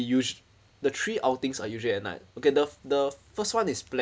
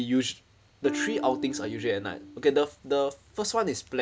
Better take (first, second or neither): first